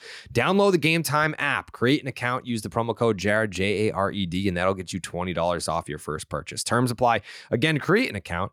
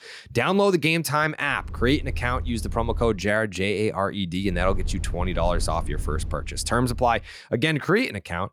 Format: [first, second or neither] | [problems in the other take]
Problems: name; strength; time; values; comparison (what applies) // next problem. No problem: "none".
first | low rumble; faint; from 1.5 to 3 s and from 4.5 to 7 s; 25 dB below the speech